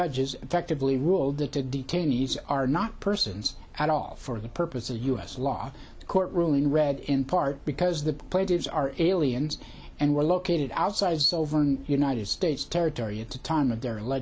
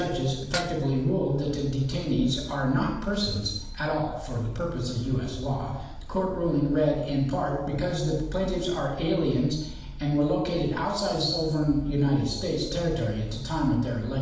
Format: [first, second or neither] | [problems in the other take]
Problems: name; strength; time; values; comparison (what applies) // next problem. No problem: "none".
first | background sound (Dishes, pots, and pans); 10 dB below the speech // room echo; dies away in 0.7 s